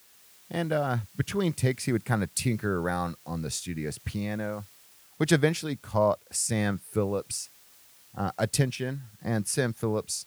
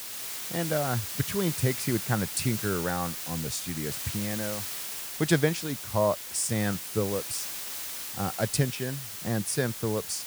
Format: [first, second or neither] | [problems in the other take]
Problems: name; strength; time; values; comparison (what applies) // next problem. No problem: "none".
first | hiss; loud; throughout; 4 dB below the speech; faint in the first